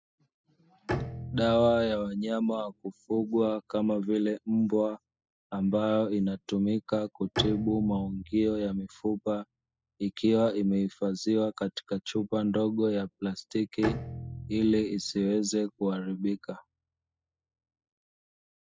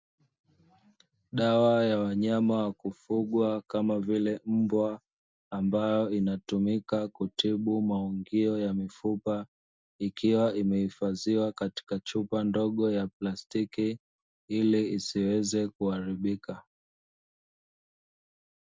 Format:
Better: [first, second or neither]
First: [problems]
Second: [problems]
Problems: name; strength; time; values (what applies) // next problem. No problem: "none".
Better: second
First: noise reduction (classical method spectral subtraction)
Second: none